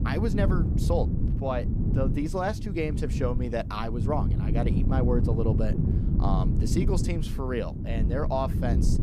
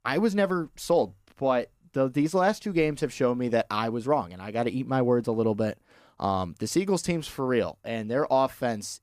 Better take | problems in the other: second | wind noise on the microphone; heavy; 6 dB below the speech

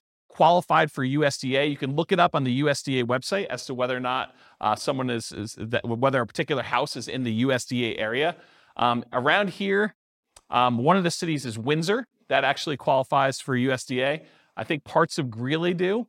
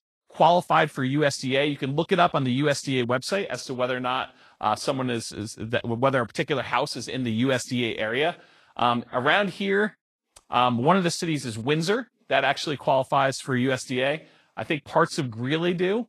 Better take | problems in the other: first | garbled, watery; slightly

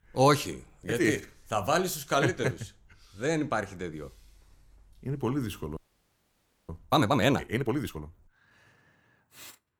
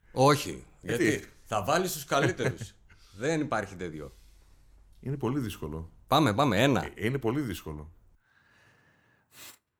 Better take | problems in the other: second | audio freezing; at 6 s for 1 s

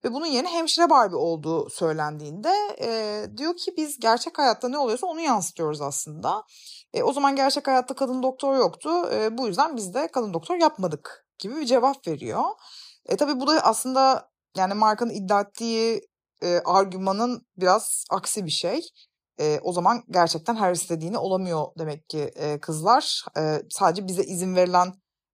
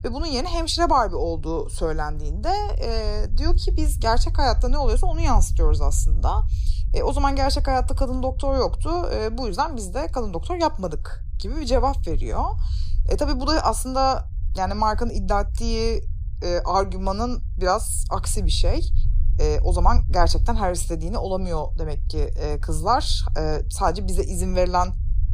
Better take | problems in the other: first | low rumble; faint; throughout; 25 dB below the speech

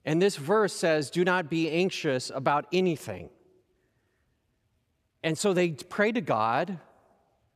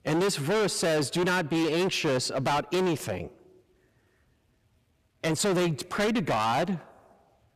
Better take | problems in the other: first | distortion; heavy; 20% of the sound clipped

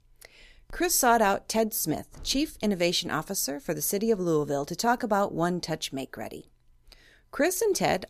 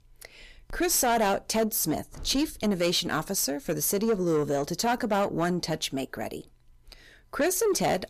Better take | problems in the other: first | distortion; slight; 10 dB below the speech

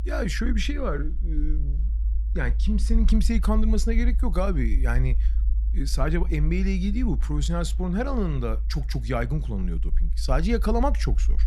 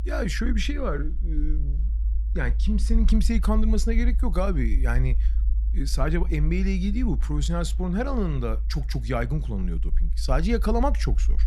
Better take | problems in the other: neither | low rumble; noticeable; throughout; 20 dB below the speech; the same in both

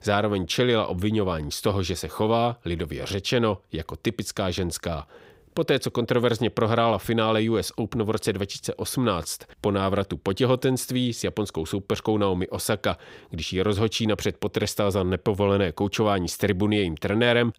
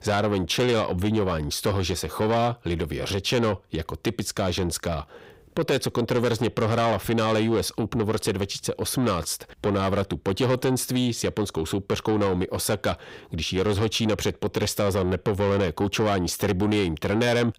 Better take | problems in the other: first | distortion; slight; 10 dB below the speech

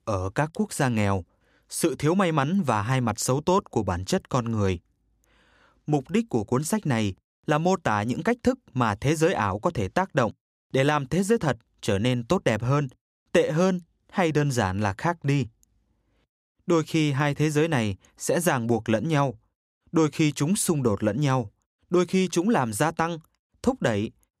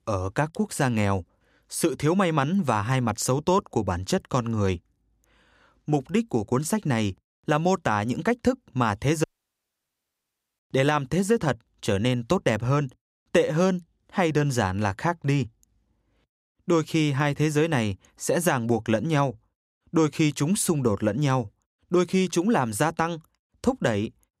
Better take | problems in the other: first | audio cutting out; at 9 s for 1.5 s

